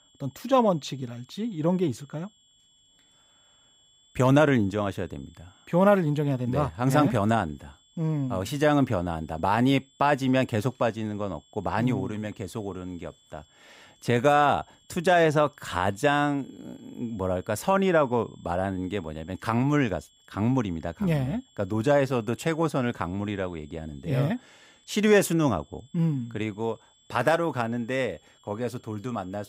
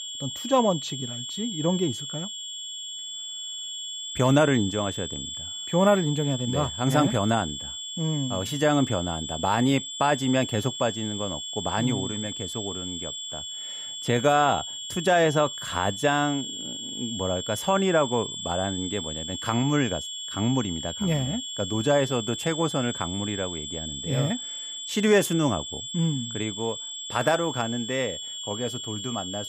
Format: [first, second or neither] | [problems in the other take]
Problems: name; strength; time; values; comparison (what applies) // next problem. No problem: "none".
first | high-pitched whine; loud; throughout; 3.5 kHz, 6 dB below the speech; faint in the first